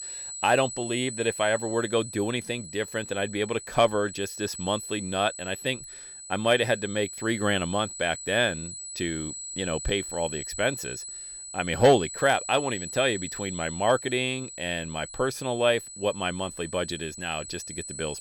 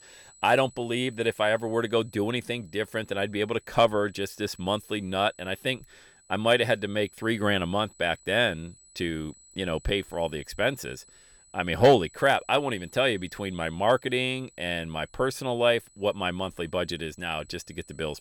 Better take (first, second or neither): second